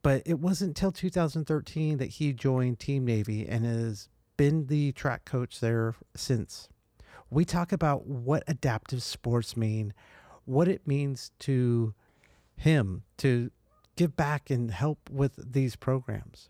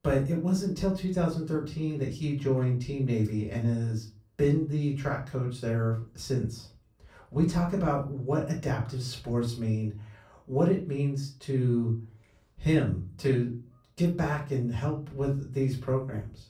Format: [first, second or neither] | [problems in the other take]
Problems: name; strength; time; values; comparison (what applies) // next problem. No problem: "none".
first | off-mic speech; far // room echo; slight; dies away in 0.3 s